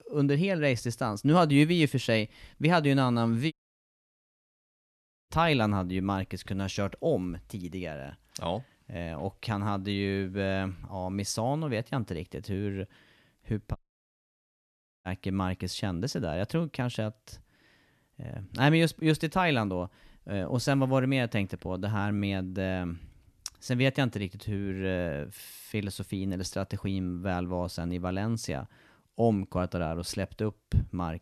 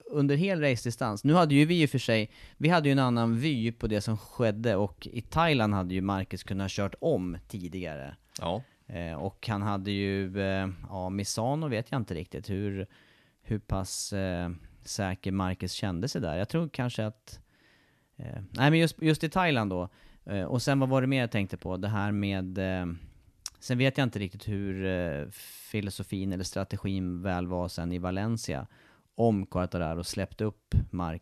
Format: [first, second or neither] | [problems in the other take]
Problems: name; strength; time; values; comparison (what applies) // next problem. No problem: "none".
second | audio cutting out; at 3.5 s for 2 s and at 14 s for 1.5 s